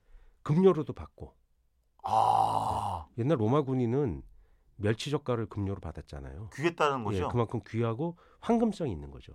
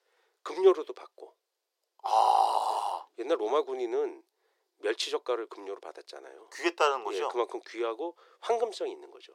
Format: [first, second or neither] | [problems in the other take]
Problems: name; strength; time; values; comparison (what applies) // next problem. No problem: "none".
first | thin; very; fading below 350 Hz